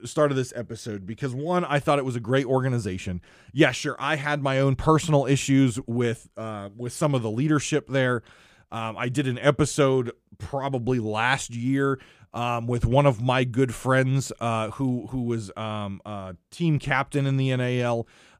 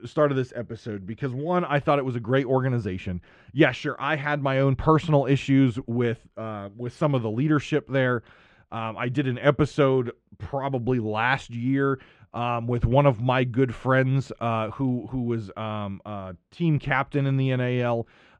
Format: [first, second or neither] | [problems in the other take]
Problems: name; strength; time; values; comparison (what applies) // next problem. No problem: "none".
first | muffled; slightly; fading above 3 kHz